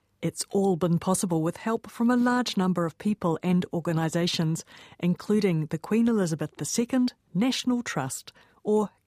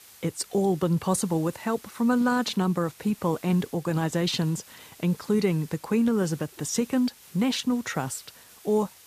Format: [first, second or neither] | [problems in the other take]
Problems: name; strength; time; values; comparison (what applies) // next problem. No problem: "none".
first | hiss; faint; throughout; 20 dB below the speech